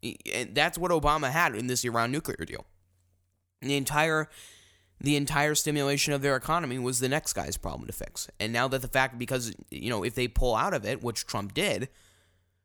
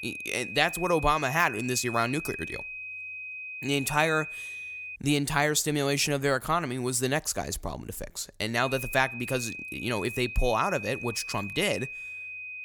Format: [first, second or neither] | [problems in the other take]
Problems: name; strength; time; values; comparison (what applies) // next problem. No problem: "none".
first | high-pitched whine; loud; until 5 s and from 8.5 s on; 2.5 kHz, 9 dB below the speech